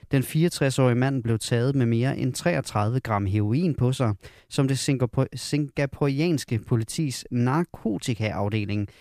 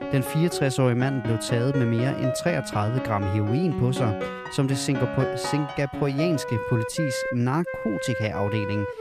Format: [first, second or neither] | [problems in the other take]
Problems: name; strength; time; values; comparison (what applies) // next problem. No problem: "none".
first | background music; loud; throughout; 6 dB below the speech